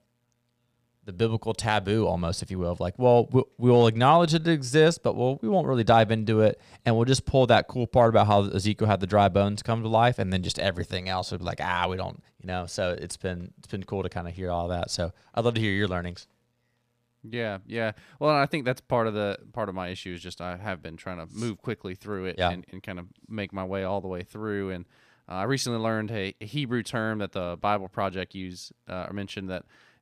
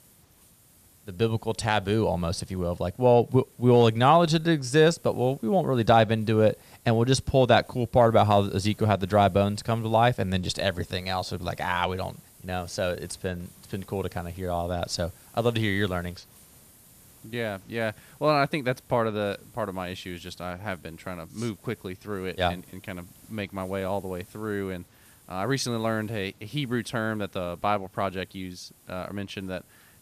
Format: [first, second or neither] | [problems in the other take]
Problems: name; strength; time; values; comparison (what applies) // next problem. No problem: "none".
first | hiss; faint; throughout; 25 dB below the speech